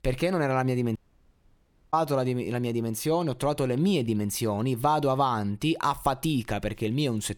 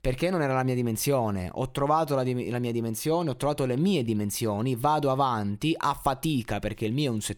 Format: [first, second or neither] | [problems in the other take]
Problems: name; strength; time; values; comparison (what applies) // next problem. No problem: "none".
second | audio cutting out; at 1 s for 1 s